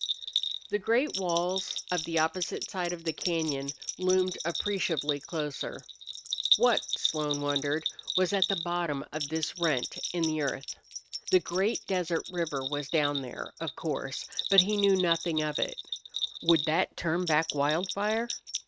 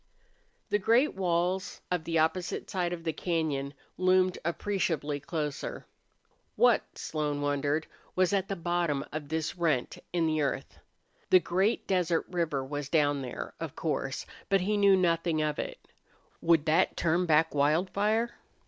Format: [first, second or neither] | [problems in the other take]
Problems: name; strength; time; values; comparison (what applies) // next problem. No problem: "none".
second | noise reduction (neural mask model RNNoise)